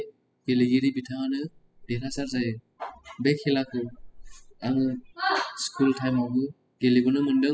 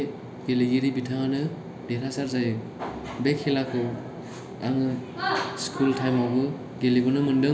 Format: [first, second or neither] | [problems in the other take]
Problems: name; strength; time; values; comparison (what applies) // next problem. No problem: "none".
second | noise reduction (classical method spectral subtraction)